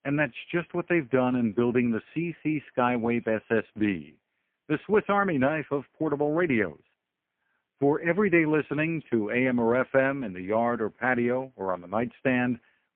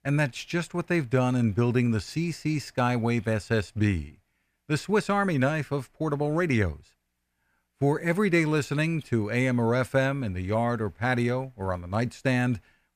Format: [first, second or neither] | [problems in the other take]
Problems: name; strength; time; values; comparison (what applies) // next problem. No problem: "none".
second | phone-call audio; poor line